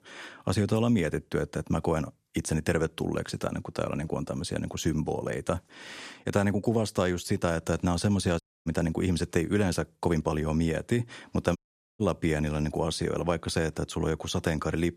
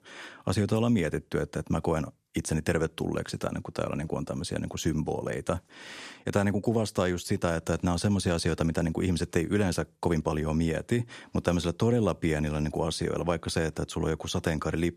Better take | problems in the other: second | audio cutting out; at 8.5 s and at 12 s

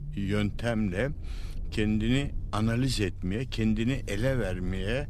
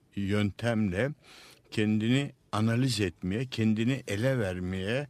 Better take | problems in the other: second | low rumble; faint; throughout; 20 dB below the speech

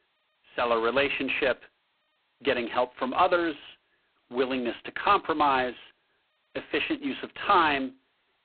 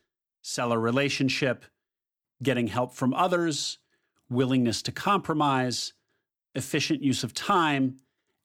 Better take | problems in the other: second | phone-call audio; poor line; nothing above 4 kHz

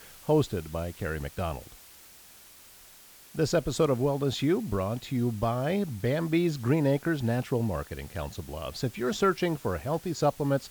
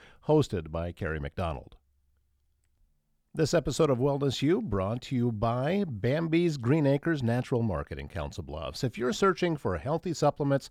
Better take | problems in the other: second | hiss; faint; throughout; 20 dB below the speech

